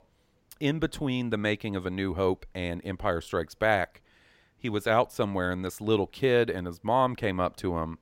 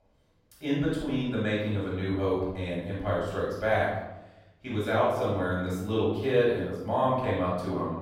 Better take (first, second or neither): first